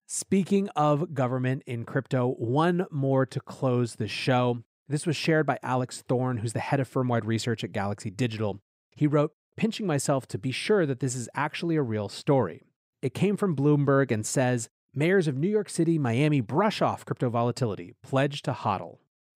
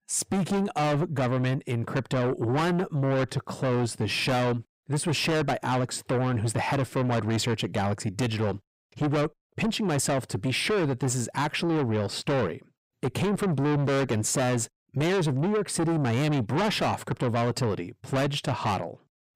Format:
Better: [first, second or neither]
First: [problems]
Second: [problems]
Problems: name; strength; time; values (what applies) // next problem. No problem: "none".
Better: first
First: none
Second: distortion; heavy; 6 dB below the speech